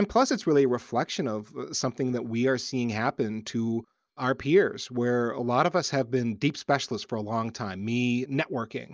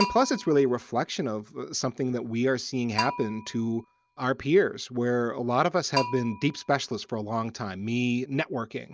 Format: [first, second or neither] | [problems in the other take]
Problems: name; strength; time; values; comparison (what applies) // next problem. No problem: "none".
first | background sound (Bell); 12 dB below the speech